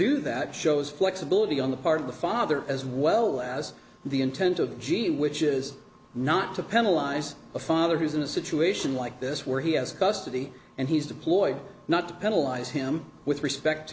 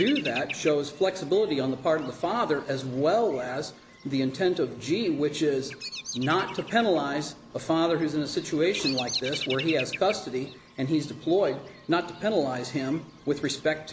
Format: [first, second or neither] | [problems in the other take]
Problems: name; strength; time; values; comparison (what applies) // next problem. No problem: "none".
first | background sound (Bird vocalization, bird call, bird song); 14 dB below the speech